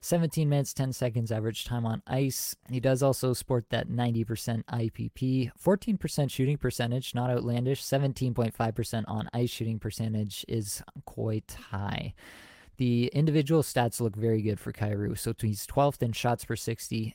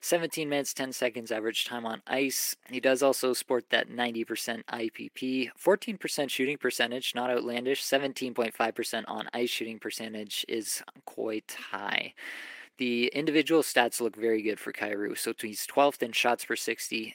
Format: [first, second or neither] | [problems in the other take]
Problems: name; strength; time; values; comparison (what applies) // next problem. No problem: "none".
first | thin; somewhat; fading below 300 Hz